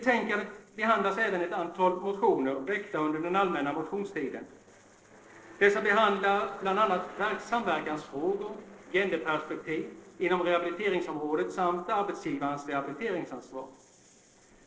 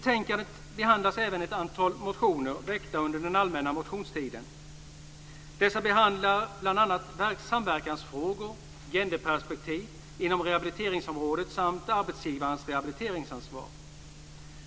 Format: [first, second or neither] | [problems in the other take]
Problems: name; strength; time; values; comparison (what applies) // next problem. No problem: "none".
second | noise reduction (neural separator model SepFormer DNS4)